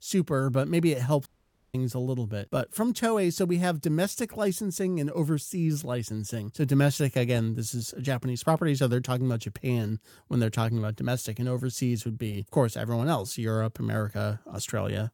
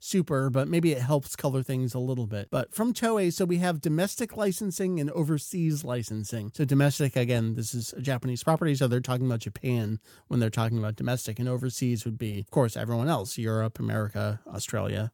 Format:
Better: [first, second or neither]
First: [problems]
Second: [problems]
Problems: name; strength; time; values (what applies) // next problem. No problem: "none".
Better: second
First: audio cutting out; at 1.5 s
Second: none